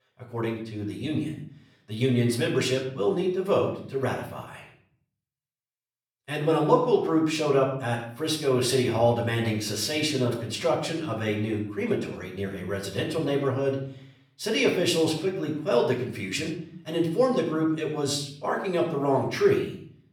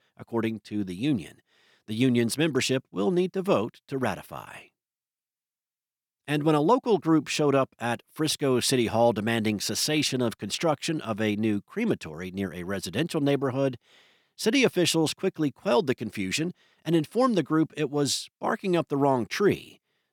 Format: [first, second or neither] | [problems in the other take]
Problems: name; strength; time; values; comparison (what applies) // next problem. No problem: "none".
second | off-mic speech; far // room echo; slight; dies away in 0.6 s